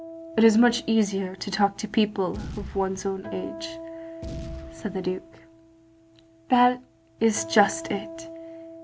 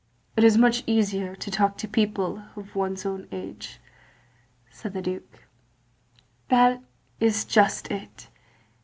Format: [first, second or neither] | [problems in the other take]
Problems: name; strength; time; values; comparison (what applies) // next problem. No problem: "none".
second | background sound (Boom + Acoustic guitar); 14 dB below the speech